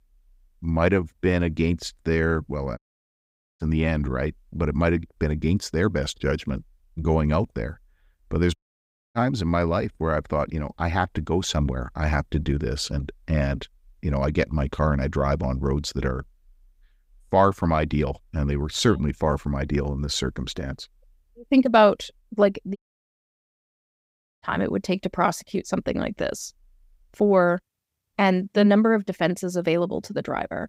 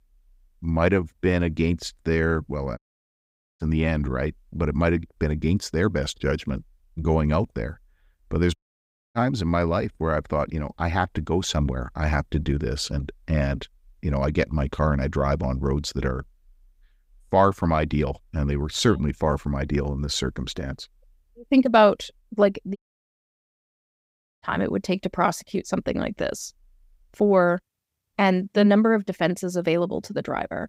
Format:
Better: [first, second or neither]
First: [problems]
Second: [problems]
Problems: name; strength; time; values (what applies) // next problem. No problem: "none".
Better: neither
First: audio cutting out; at 3 s for 1 s, at 8.5 s for 0.5 s and at 23 s for 1.5 s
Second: audio cutting out; at 3 s for 1 s, at 8.5 s for 0.5 s and at 23 s for 1.5 s